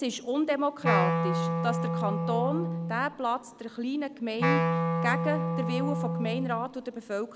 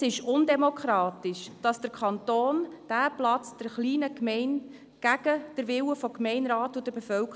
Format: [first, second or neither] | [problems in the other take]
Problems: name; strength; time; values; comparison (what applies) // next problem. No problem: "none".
second | background sound (Wind instrument, woodwind instrument); 2 dB above the speech